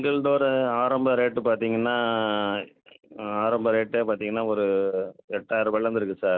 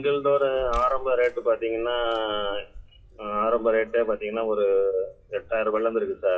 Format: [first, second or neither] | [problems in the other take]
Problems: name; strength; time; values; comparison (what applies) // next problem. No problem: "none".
first | noise reduction (classical method WPE with log-MMSE)